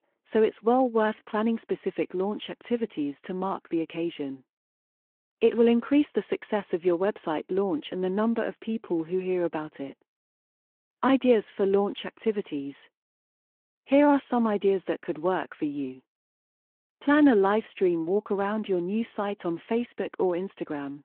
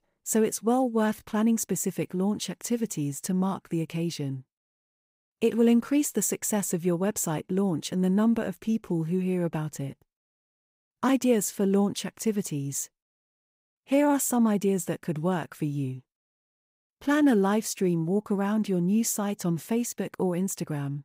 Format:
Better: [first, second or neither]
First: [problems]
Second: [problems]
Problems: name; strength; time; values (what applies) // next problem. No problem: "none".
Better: second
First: phone-call audio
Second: none